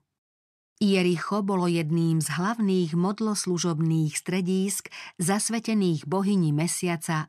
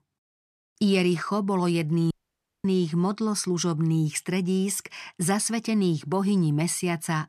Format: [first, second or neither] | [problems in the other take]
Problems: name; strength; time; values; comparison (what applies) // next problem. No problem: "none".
first | audio cutting out; at 2 s for 0.5 s